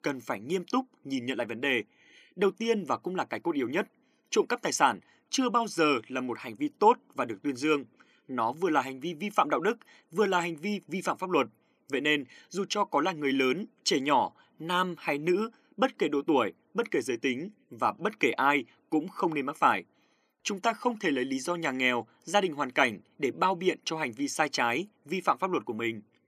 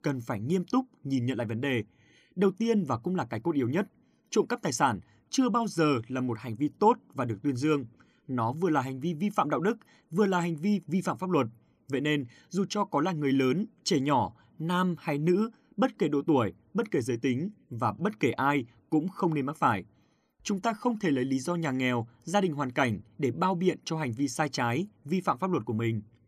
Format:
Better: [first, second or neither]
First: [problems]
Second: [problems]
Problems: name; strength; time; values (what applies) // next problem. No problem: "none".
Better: second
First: thin; very slightly; fading below 300 Hz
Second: none